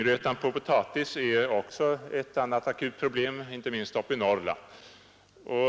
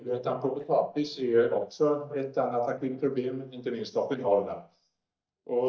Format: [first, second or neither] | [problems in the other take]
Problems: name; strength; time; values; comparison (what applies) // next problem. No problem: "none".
first | noise reduction (neural mask model DeepFilterNet 3)